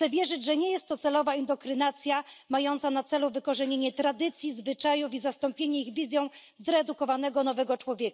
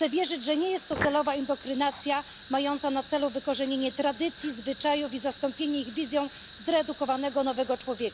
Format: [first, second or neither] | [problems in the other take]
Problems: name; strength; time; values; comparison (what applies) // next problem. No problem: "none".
first | background sound (Fire); 14 dB below the speech